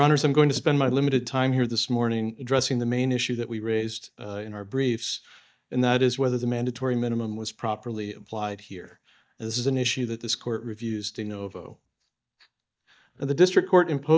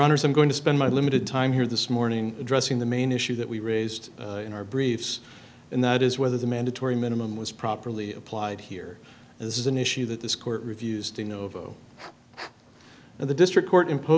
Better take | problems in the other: second | noise reduction (neural mask model DeepFilterNet 3)

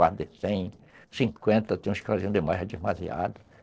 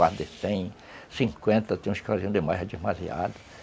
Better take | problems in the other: second | noise reduction (neural separator model SepFormer DNS4)

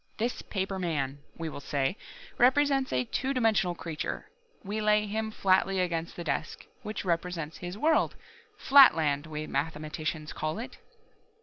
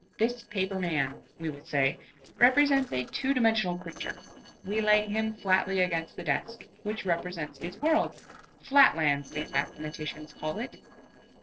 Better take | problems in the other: first | noise reduction (neural separator model SepFormer DNS4)

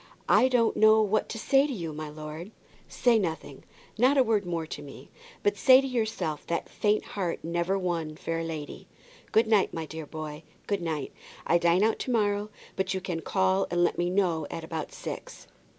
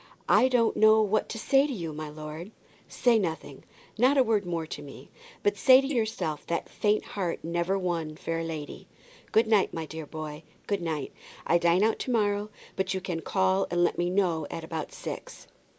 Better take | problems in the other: first | noise reduction (neural mask model Resemble Enhance denoiser)

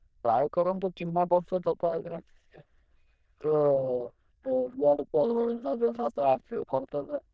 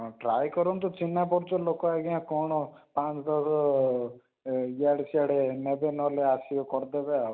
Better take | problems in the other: second | noise reduction (neural diffusion model UNIVERSE++)

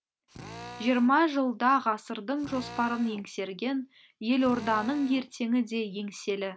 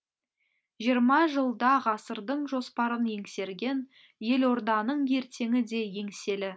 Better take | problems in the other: second | background sound (Drill); 17 dB below the speech

